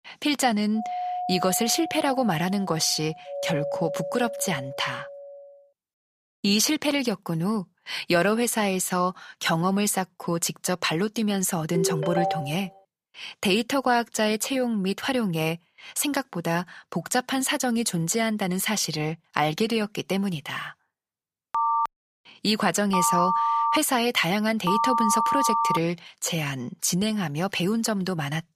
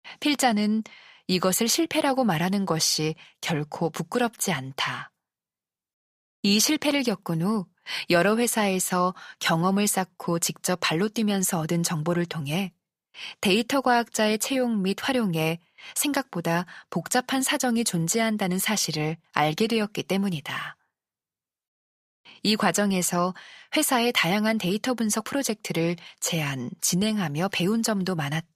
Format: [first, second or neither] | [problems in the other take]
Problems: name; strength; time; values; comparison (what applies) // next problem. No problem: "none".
second | doorbell; noticeable; from 1 to 5.5 s; peak 4 dB below the speech // phone ringing; noticeable; at 12 s; peak 1 dB below the speech // phone ringing; loud; from 22 to 26 s; peak 3 dB above the speech